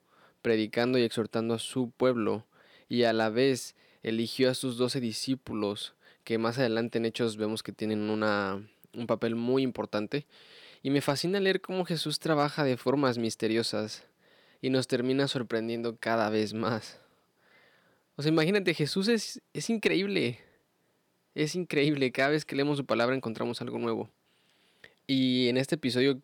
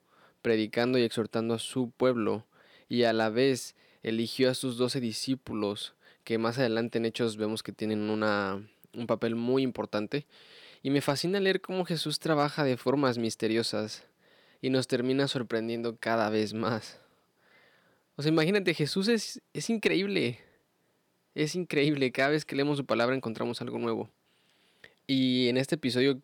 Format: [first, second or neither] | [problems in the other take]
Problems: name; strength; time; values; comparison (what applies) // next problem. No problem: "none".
neither | none